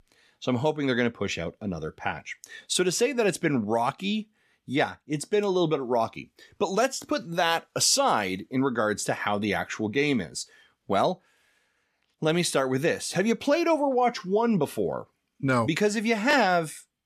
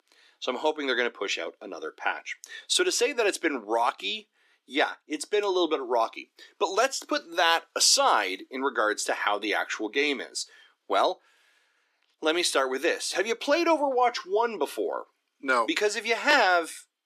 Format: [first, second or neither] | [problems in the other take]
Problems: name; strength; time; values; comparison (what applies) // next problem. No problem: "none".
first | thin; somewhat; fading below 300 Hz